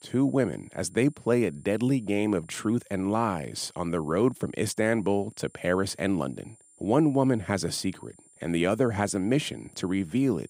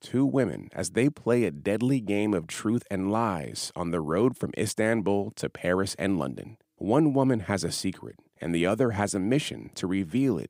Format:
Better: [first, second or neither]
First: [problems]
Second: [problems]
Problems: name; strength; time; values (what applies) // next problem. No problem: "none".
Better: second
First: high-pitched whine; faint; throughout; 9.5 kHz, 30 dB below the speech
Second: none